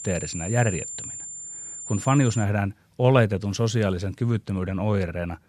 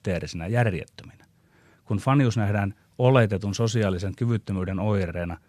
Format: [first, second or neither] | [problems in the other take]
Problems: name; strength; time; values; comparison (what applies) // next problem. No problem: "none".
second | high-pitched whine; loud; until 2.5 s; 7 kHz, 9 dB below the speech